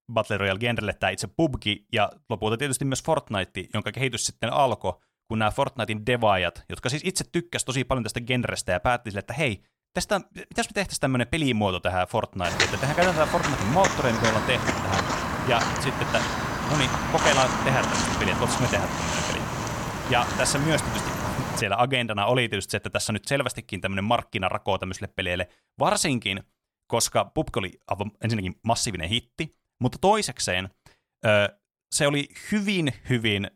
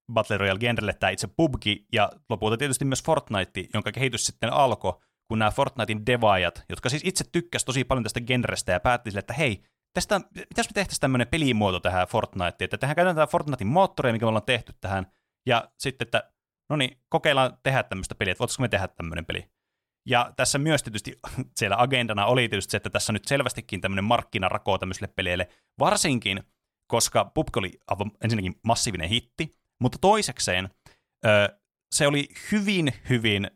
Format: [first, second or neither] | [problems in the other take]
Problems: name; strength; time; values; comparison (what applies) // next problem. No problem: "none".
second | footsteps; loud; from 12 to 22 s; peak 3 dB above the speech